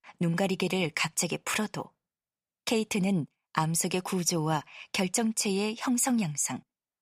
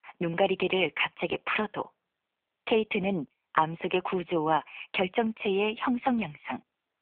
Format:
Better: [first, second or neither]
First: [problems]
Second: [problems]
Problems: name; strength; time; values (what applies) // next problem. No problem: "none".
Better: first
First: none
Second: phone-call audio